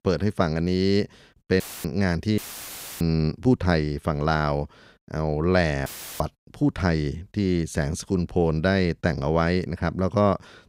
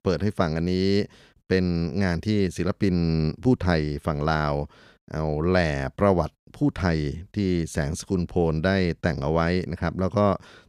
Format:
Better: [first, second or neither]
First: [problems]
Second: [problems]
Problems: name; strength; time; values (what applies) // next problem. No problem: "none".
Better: second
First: audio cutting out; filled with static; at 1.5 s, at 2.5 s for 0.5 s and at 6 s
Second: none